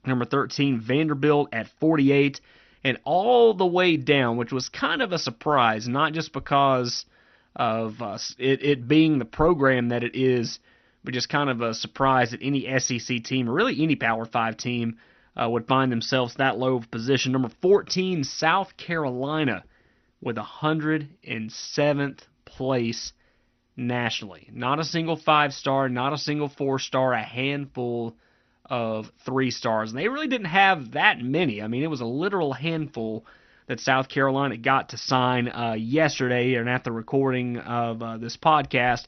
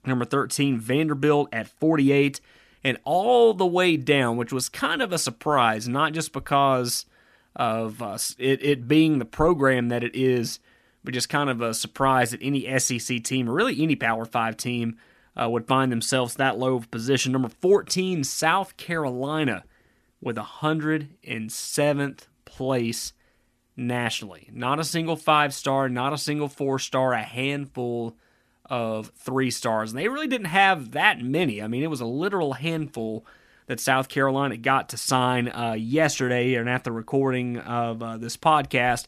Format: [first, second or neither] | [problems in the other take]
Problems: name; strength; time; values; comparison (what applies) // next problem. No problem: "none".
second | garbled, watery; slightly; nothing above 6 kHz